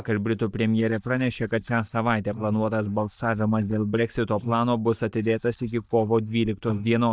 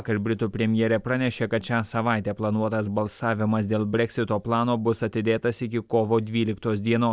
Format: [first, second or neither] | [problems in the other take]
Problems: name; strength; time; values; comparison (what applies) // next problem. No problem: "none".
second | noise reduction (neural mask model DeepFilterNet 3)